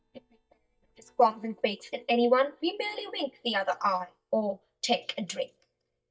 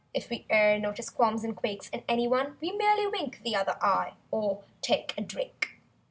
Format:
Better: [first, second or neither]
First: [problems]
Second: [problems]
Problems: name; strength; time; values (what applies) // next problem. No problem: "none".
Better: second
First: noise reduction (neural mask model DeepFilterNet 3)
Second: none